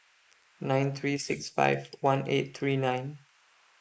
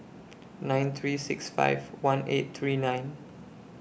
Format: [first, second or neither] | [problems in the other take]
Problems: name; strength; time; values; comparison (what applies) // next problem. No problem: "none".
second | noise reduction (neural mask model Resemble Enhance denoiser)